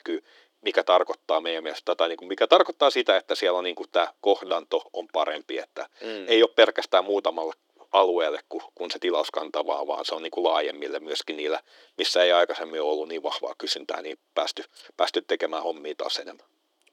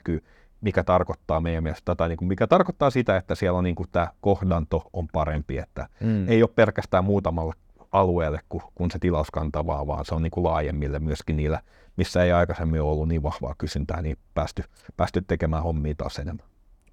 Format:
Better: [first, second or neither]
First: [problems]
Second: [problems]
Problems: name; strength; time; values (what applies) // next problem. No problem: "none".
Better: second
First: thin; very; fading below 300 Hz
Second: none